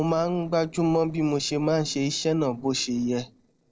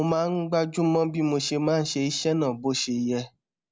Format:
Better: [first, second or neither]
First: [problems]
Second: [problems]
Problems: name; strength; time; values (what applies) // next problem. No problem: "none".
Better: second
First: noise reduction (neural separator model SepFormer DNS4)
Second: none